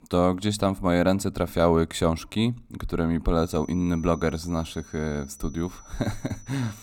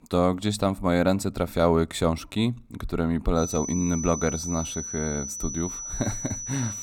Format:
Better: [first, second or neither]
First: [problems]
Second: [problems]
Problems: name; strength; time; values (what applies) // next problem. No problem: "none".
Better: first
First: high-pitched whine; faint; from 3.5 s on; 6 kHz, 25 dB below the speech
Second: high-pitched whine; loud; from 3.5 s on; 6 kHz, 6 dB below the speech